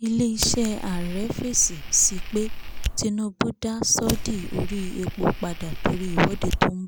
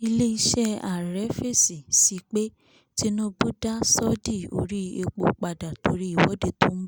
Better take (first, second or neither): second